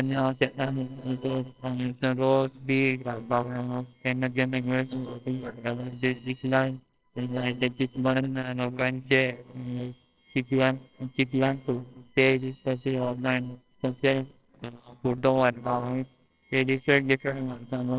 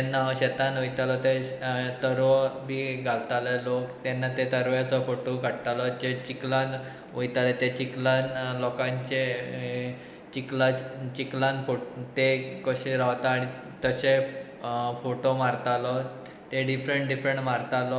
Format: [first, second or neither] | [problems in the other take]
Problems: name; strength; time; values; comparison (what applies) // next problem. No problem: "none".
second | noise reduction (neural separator model SepFormer WHAMR!)